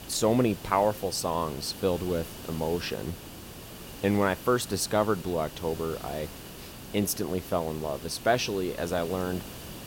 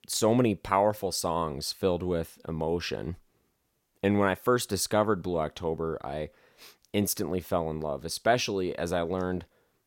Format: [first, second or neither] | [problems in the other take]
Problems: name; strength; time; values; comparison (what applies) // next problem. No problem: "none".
second | hiss; noticeable; throughout; 15 dB below the speech